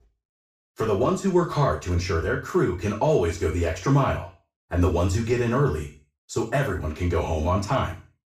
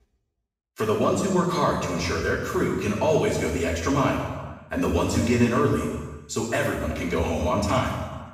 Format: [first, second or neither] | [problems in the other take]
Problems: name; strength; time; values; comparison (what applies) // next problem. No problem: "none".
first | room echo; strong; dies away in 1.2 s; slight in the first // off-mic speech; far; far in the first